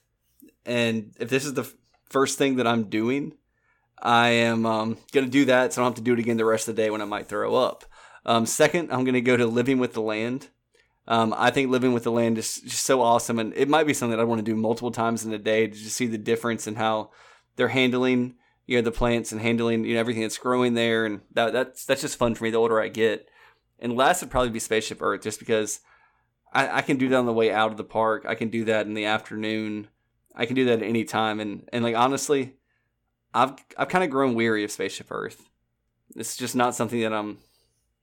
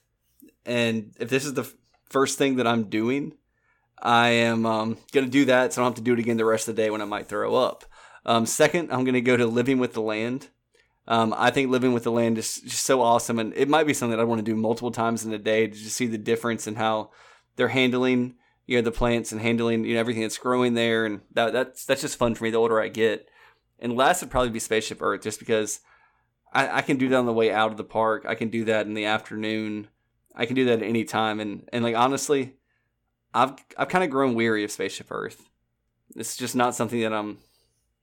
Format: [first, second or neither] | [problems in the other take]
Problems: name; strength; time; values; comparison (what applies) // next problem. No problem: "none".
neither | none